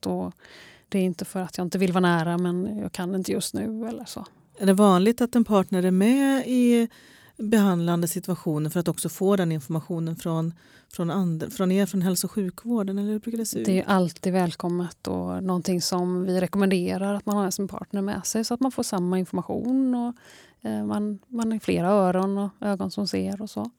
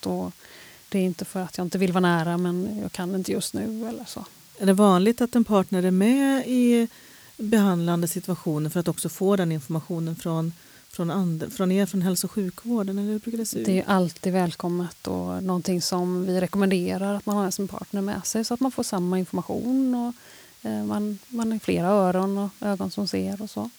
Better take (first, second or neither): first